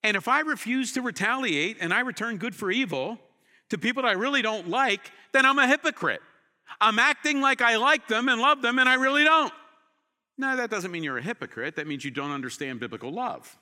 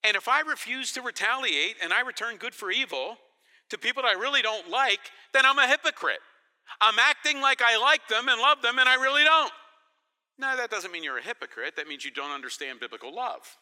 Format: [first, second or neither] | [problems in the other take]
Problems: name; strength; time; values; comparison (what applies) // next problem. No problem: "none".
first | thin; somewhat; fading below 450 Hz